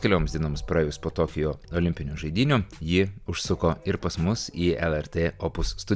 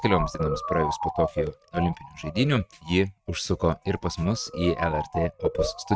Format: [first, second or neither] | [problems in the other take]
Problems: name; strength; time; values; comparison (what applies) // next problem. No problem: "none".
first | noise reduction (neural mask model RNNoise)